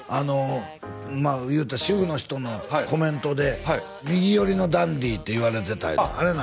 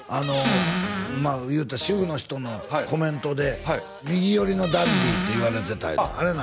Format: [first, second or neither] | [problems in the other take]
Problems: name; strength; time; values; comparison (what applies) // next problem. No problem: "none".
first | background sound (Squeak / Cupboard open or close); 1 dB below the speech